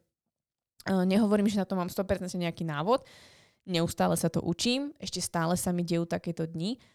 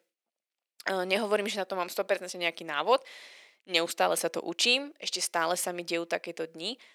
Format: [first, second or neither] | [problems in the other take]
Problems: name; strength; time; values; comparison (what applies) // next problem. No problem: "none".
first | thin; very; fading below 400 Hz